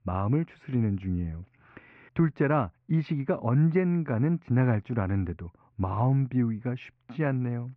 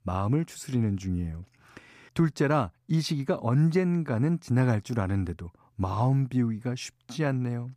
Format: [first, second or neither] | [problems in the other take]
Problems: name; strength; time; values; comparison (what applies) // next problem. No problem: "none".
second | muffled; very; fading above 2.5 kHz